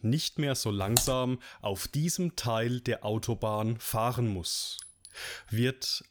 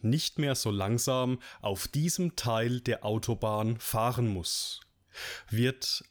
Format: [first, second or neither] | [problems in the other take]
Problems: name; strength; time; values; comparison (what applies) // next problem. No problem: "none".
second | keyboard typing; loud; at 1 s; peak 2 dB above the speech // clattering dishes; faint; at 5 s; peak 15 dB below the speech